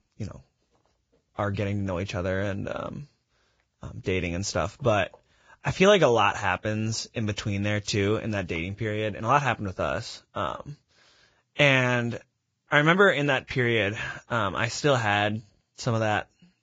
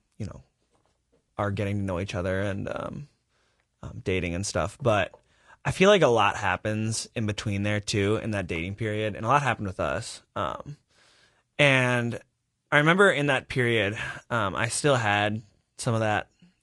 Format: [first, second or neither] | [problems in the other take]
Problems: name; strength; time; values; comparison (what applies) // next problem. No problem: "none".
second | garbled, watery; badly; nothing above 7.5 kHz; slightly in the second